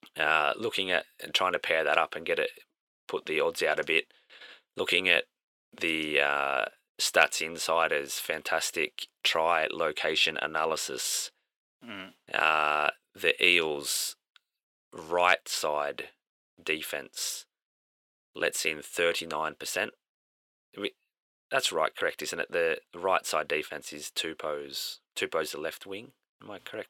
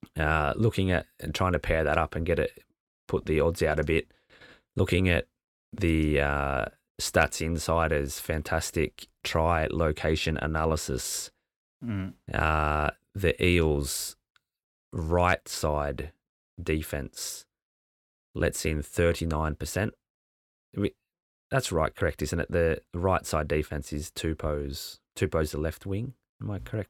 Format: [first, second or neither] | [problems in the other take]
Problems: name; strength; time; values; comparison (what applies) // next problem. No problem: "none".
second | thin; very; fading below 500 Hz